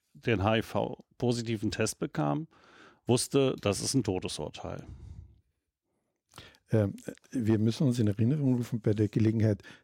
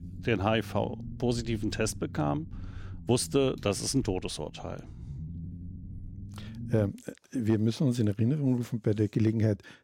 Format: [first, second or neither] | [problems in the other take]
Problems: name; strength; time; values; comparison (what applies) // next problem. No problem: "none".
first | low rumble; faint; until 7 s; 20 dB below the speech